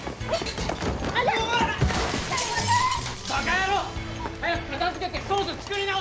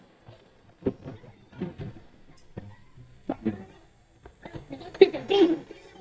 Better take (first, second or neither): first